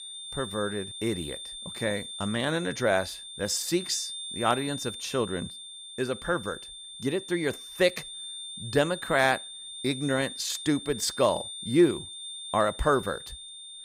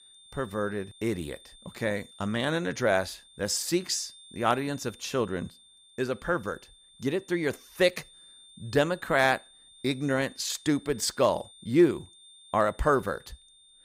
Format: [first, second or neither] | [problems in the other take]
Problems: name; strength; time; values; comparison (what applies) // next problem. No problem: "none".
second | high-pitched whine; loud; throughout; 3.5 kHz, 9 dB below the speech; faint in the second